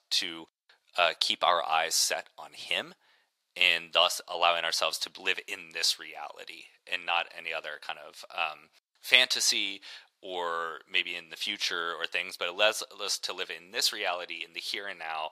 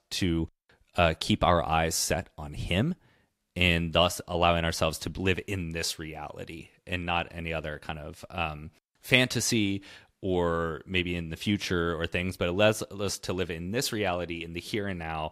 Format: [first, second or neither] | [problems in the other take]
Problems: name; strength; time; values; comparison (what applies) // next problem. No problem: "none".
second | thin; very; fading below 800 Hz